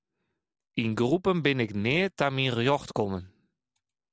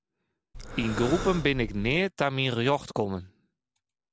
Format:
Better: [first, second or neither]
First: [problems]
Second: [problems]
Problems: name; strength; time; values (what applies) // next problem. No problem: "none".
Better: first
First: none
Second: background sound (Breathing); 7 dB below the speech